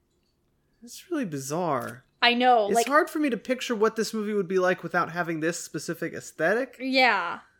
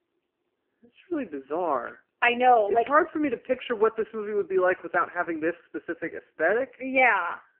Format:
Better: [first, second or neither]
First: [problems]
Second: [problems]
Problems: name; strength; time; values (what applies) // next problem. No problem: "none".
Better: first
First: none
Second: phone-call audio; poor line; nothing above 2.5 kHz